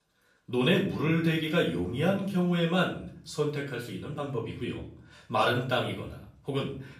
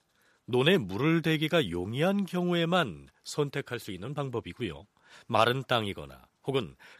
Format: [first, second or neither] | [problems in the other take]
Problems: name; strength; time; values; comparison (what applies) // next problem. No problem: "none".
second | off-mic speech; far // room echo; slight; dies away in 0.5 s